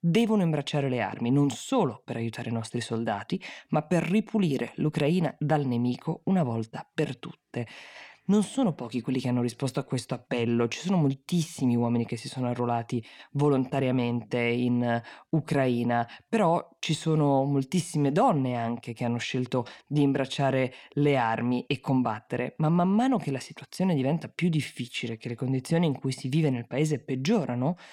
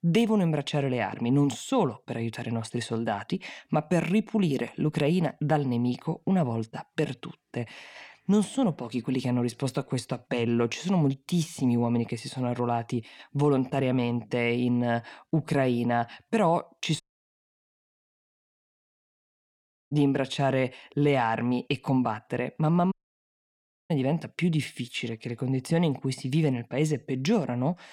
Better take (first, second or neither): first